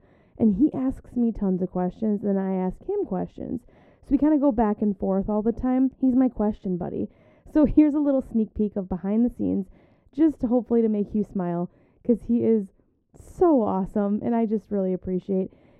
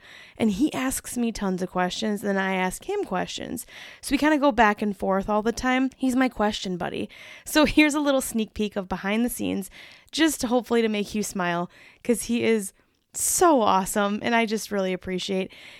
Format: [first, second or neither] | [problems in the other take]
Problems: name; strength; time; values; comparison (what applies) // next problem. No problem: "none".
second | muffled; very; fading above 1.5 kHz